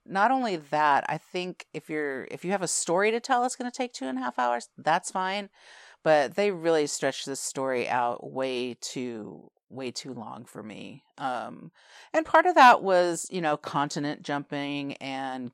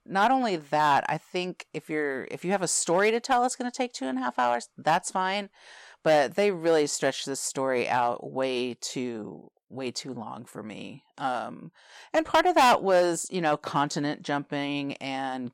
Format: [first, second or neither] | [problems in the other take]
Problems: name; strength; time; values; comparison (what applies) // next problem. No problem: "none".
first | distortion; slight; 2% of the sound clipped